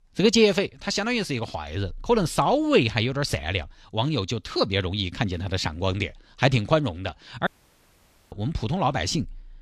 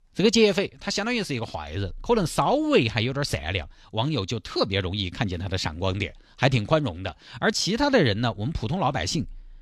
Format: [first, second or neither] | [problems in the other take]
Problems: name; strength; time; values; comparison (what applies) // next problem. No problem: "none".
second | audio cutting out; at 7.5 s for 1 s